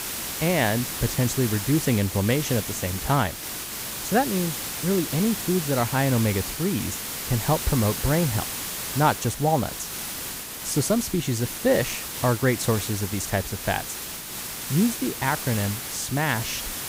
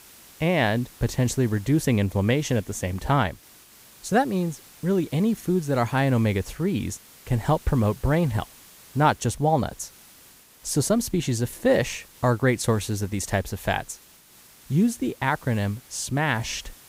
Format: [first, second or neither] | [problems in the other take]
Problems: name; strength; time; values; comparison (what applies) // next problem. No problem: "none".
second | hiss; loud; throughout; 5 dB below the speech; faint in the second